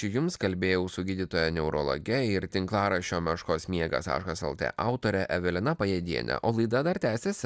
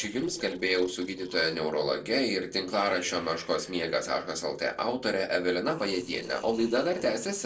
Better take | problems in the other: first | noise reduction (neural separator model SepFormer DNS4)

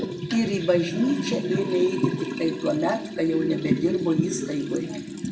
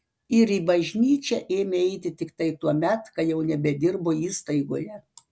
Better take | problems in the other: second | background sound (Liquid); 3 dB below the speech // room echo; dies away in 0.6 s

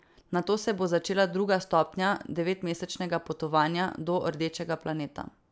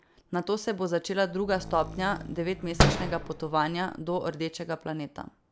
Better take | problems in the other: first | background sound (Slam); 1 dB below the speech

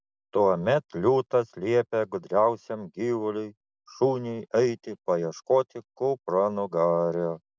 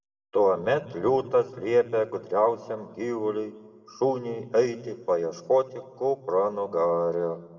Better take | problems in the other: first | room echo; dies away in 1.3 s

